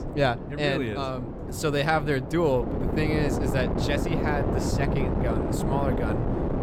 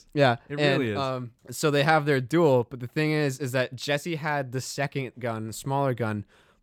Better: second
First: wind noise on the microphone; heavy; 4 dB below the speech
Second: none

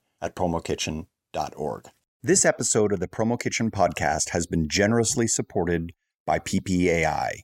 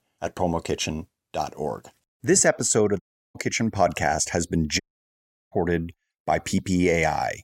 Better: first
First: none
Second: audio cutting out; at 3 s and at 5 s for 0.5 s

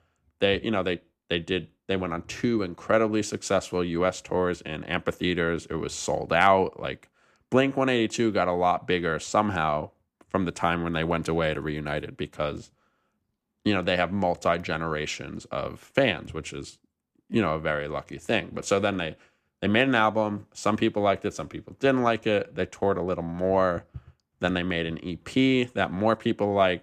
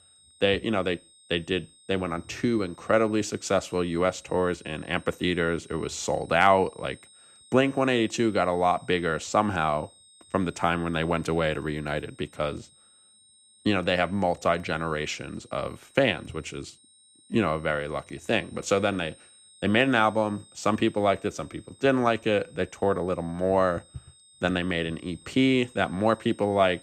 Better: first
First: none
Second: high-pitched whine; faint; throughout; 8.5 kHz, 25 dB below the speech

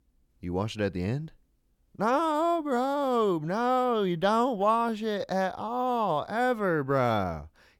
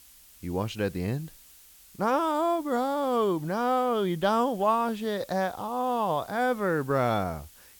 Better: first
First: none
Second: hiss; faint; throughout; 25 dB below the speech

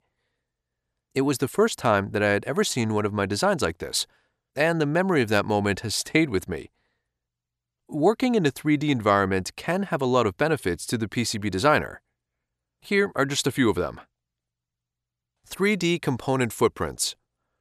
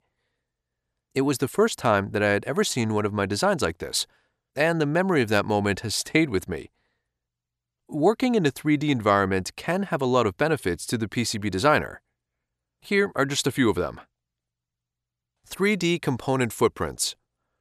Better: neither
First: none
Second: none

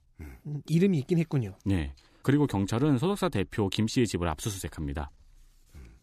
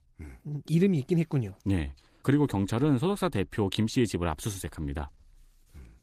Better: first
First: none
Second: garbled, watery; slightly; nothing above 14.5 kHz

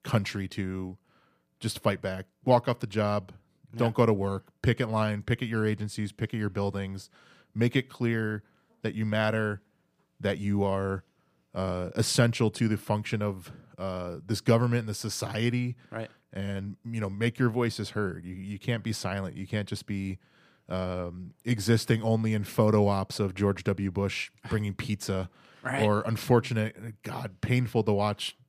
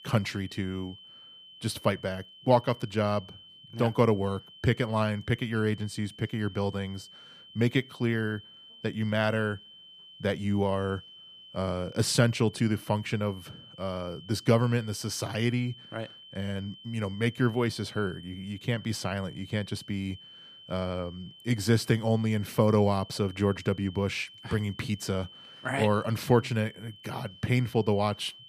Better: first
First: none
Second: high-pitched whine; noticeable; throughout; 3 kHz, 20 dB below the speech

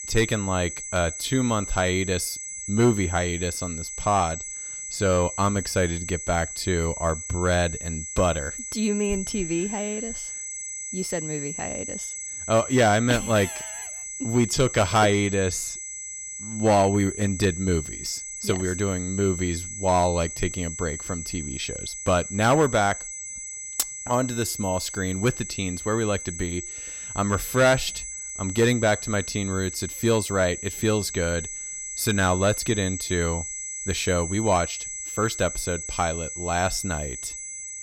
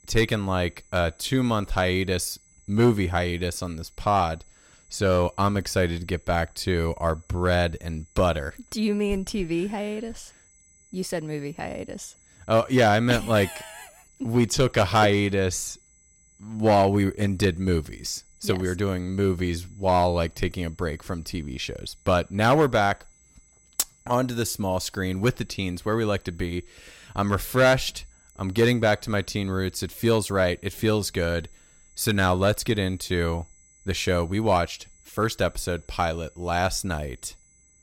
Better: second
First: high-pitched whine; loud; throughout; 8 kHz, 7 dB below the speech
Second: high-pitched whine; faint; throughout; 8 kHz, 30 dB below the speech

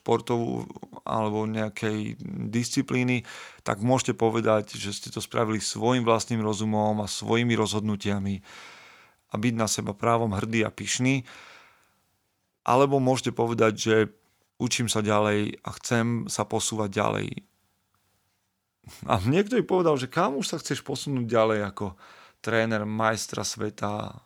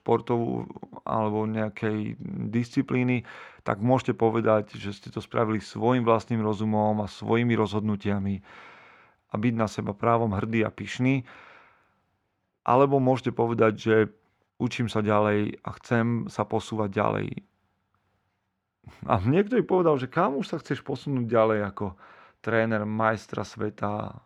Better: first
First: none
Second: muffled; very; fading above 4 kHz

